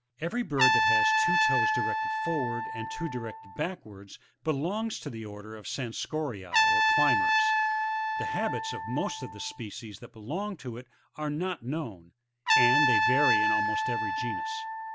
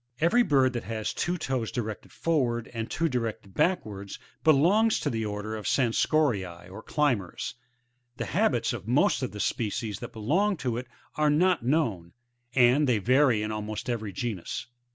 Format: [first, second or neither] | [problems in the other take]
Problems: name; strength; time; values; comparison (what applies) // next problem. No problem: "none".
second | background sound (Trumpet); 5 dB above the speech